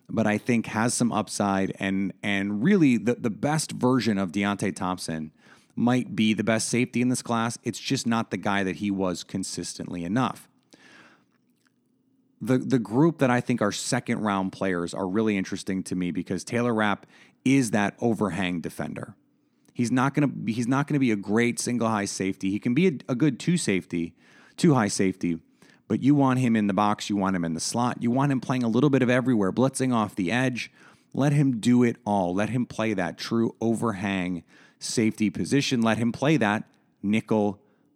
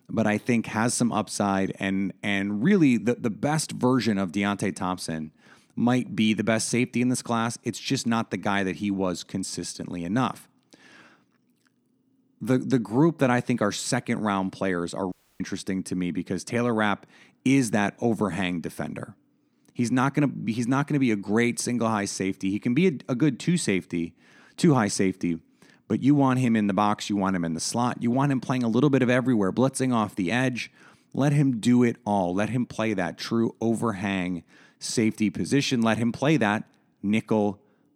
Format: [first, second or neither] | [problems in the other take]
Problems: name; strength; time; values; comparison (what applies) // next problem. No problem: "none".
first | audio cutting out; at 15 s